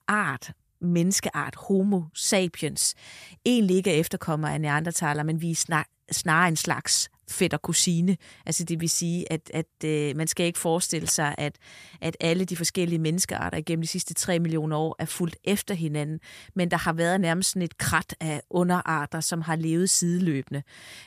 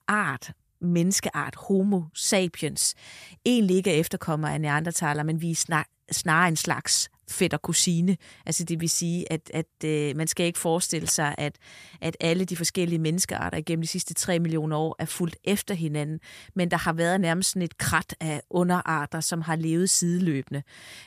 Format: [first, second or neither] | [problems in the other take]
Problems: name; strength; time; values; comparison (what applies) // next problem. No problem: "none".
neither | none